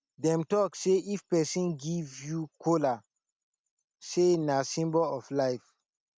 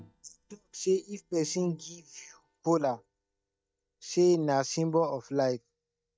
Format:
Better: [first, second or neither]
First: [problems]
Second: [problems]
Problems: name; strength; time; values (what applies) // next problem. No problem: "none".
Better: first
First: none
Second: noise reduction (neural mask model DeepFilterNet 3)